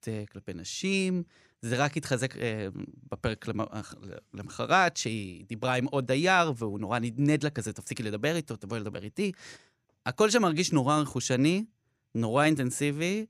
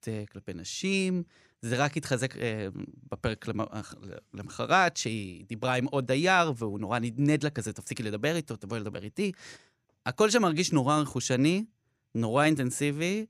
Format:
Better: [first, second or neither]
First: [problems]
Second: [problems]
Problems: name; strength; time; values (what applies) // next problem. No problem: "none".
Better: neither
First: none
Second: none